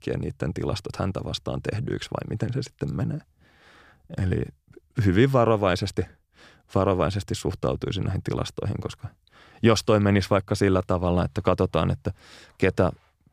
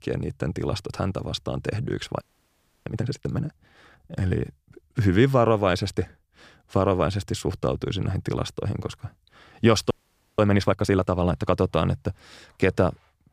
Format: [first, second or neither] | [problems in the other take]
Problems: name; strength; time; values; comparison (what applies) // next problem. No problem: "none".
first | audio freezing; at 2 s for 0.5 s and at 10 s